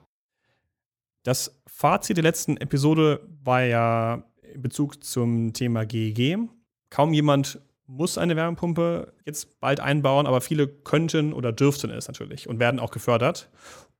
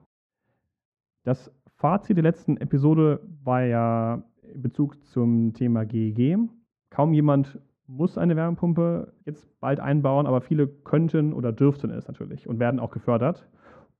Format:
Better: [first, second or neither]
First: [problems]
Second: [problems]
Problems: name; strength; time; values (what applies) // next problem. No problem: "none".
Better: first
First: none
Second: muffled; very; fading above 1.5 kHz